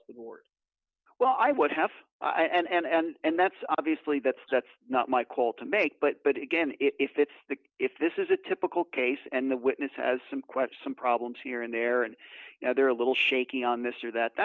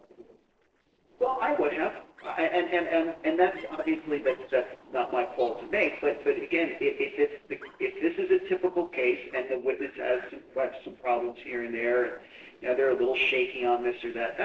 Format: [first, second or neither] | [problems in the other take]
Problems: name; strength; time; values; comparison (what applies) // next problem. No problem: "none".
first | noise reduction (neural separator model SepFormer DNS4)